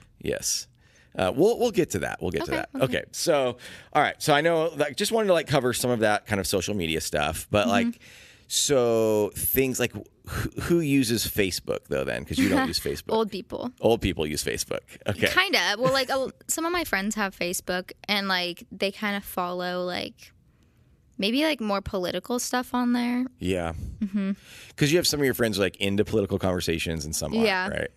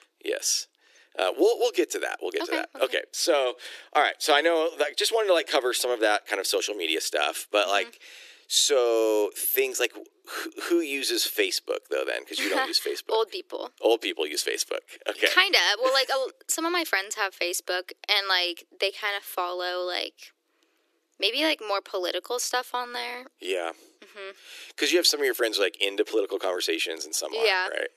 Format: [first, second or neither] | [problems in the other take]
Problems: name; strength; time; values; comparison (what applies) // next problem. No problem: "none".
first | thin; very; fading below 300 Hz